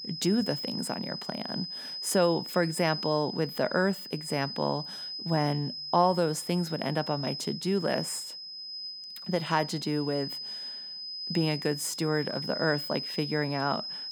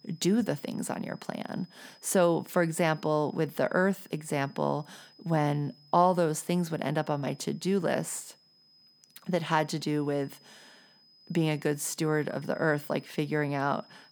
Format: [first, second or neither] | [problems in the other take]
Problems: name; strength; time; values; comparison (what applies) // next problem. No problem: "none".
second | high-pitched whine; loud; throughout; 5 kHz, 6 dB below the speech; faint in the second